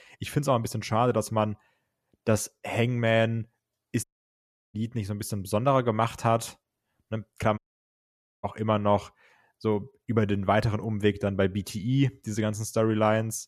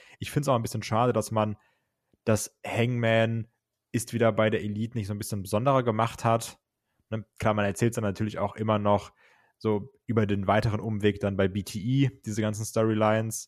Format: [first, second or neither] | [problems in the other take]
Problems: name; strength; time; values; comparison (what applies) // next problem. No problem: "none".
second | audio cutting out; at 4 s for 0.5 s and at 7.5 s for 1 s